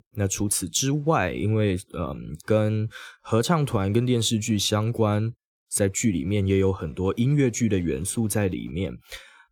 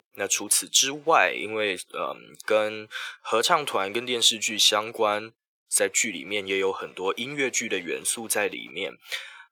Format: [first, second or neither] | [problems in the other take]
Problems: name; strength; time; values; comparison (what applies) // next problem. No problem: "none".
first | thin; very; fading below 650 Hz